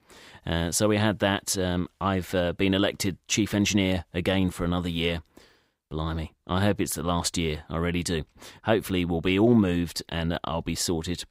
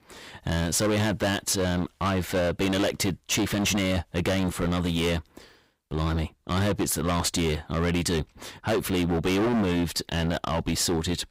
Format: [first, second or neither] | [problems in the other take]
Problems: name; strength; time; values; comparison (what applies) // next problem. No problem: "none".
first | distortion; heavy; 21% of the sound clipped